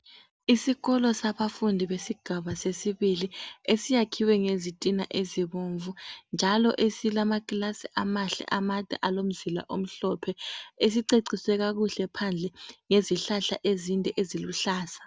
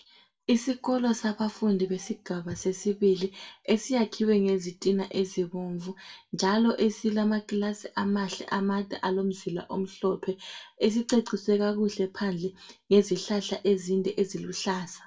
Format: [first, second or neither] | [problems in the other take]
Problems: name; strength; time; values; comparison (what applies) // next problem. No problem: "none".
first | room echo; dies away in 0.2 s